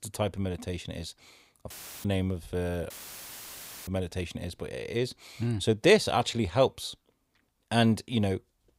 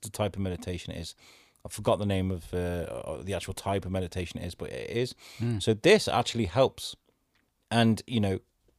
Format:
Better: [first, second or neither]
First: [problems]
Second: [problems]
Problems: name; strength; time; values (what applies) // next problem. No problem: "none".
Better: second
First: audio cutting out; filled with static; at 1.5 s and at 3 s for 1 s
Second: none